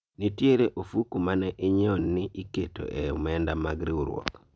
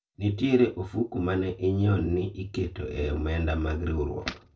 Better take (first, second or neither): first